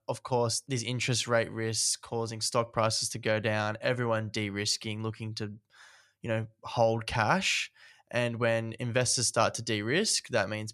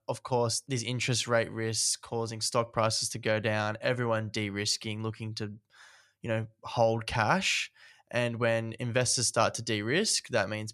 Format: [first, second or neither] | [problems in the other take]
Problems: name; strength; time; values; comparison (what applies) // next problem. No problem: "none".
neither | none